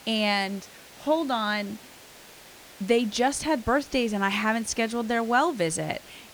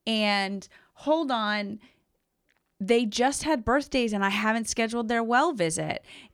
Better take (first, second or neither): second